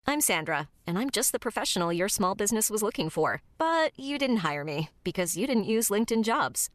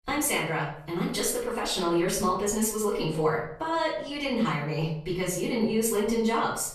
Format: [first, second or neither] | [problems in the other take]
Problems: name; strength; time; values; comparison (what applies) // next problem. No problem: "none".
first | off-mic speech; far // room echo; noticeable; dies away in 0.5 s